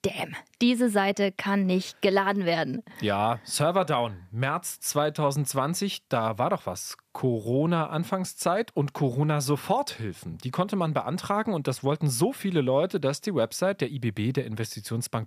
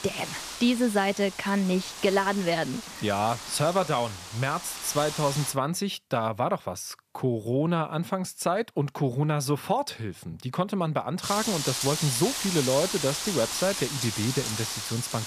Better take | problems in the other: first | wind noise on the microphone; heavy; until 5.5 s and from 11 s on; 5 dB below the speech

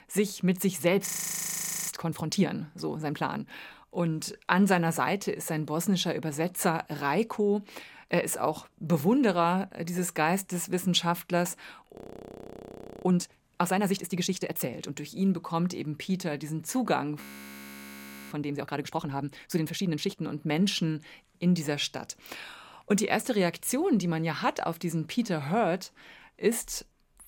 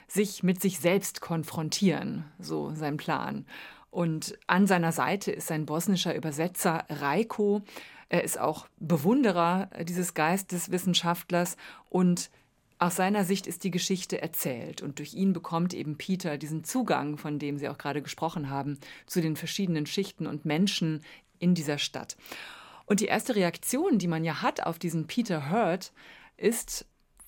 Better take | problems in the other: second | audio freezing; at 1 s for 1 s, at 12 s for 1 s and at 17 s for 1 s

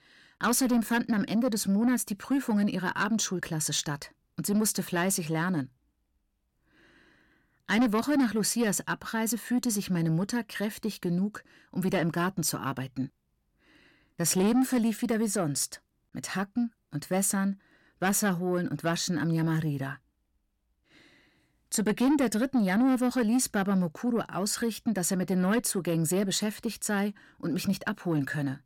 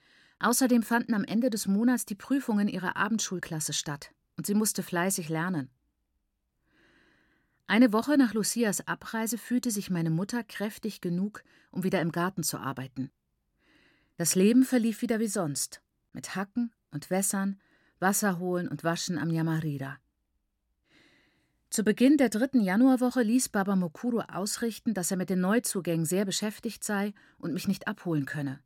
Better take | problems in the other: second | distortion; slight; 10 dB below the speech

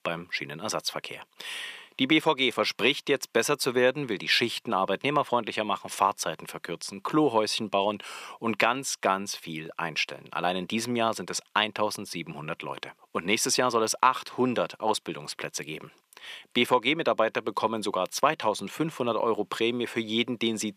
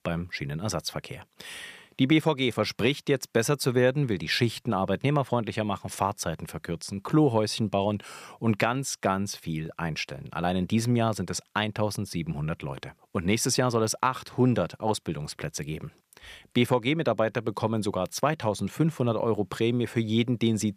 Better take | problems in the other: second | thin; somewhat; fading below 300 Hz

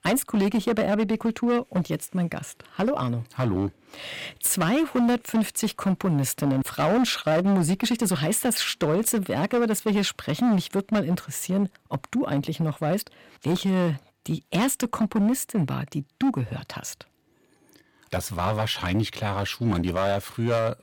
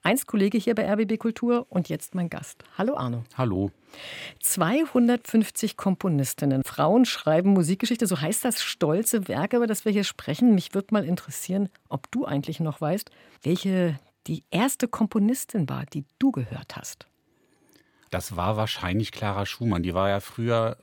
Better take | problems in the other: second | distortion; slight; 10% of the sound clipped

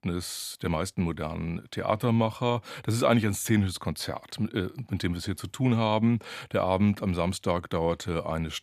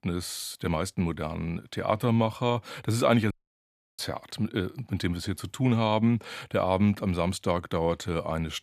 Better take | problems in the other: first | audio cutting out; at 3.5 s for 0.5 s

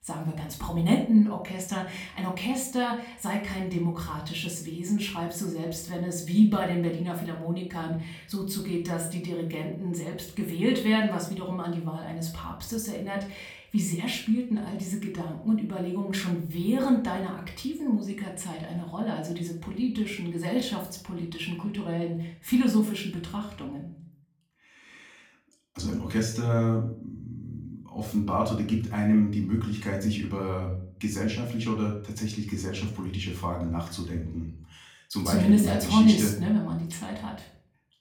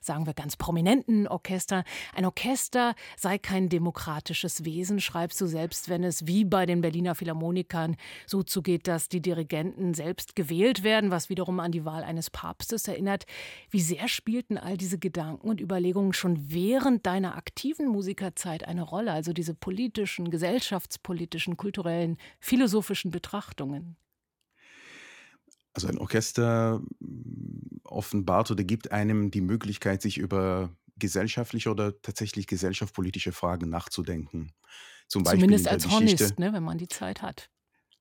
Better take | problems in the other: second | off-mic speech; far // room echo; slight; dies away in 0.4 s

